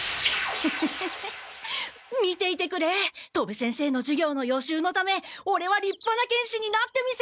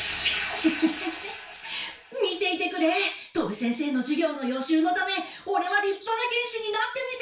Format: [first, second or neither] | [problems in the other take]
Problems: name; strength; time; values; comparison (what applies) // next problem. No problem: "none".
first | room echo; dies away in 0.4 s